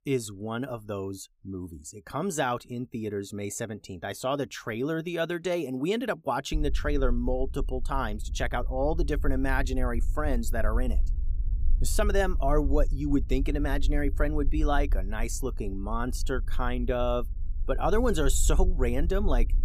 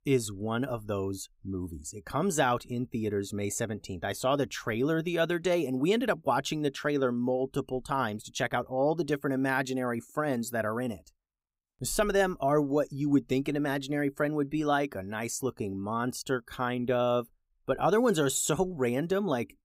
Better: second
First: low rumble; faint; from 6.5 s on; 25 dB below the speech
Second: none

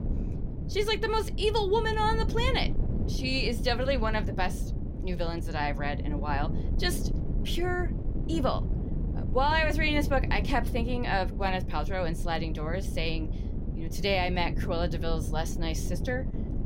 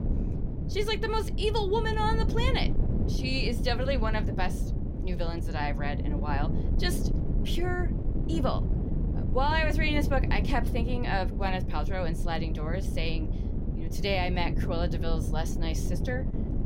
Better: first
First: wind noise on the microphone; occasional gusts; 15 dB below the speech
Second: wind noise on the microphone; heavy; 9 dB below the speech

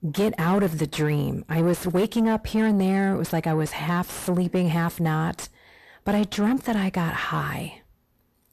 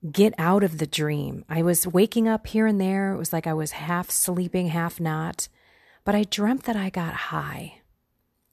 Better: second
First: distortion; heavy; 7 dB below the speech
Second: none

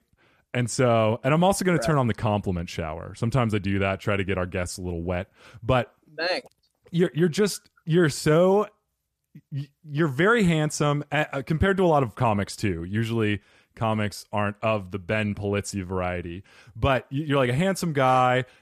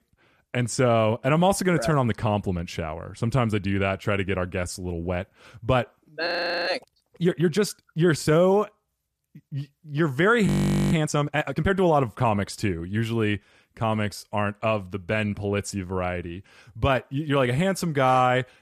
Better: first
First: none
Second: audio freezing; at 6.5 s and at 10 s

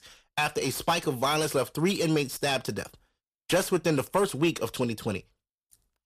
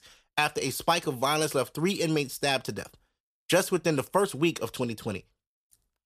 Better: second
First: distortion; slight; 10 dB below the speech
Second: none

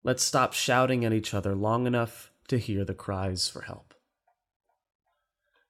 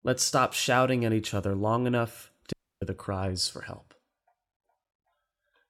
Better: first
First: none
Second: audio cutting out; at 2.5 s

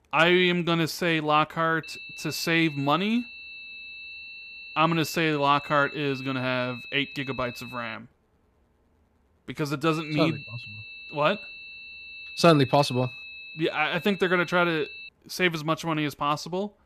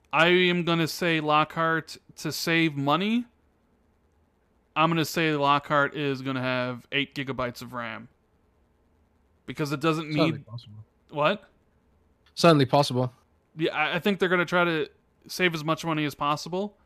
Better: second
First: high-pitched whine; noticeable; from 2 to 8 s and from 10 to 15 s; 2.5 kHz, 15 dB below the speech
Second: none

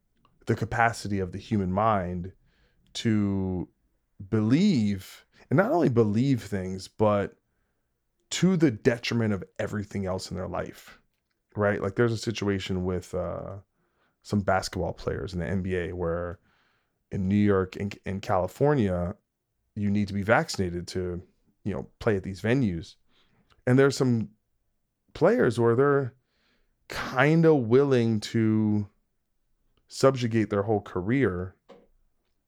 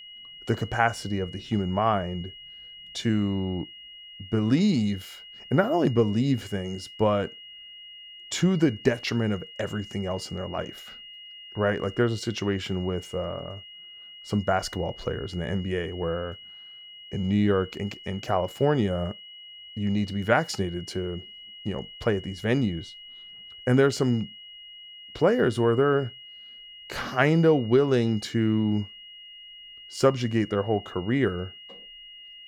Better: first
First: none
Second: high-pitched whine; noticeable; throughout; 3 kHz, 15 dB below the speech

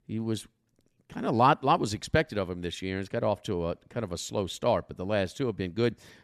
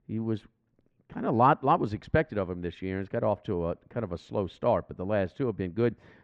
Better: first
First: none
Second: muffled; very; fading above 2 kHz

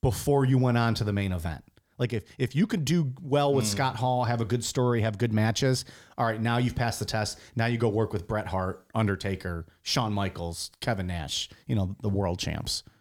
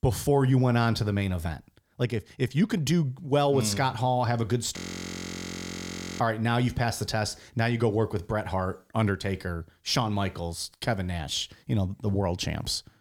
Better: first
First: none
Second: audio freezing; at 5 s for 1.5 s

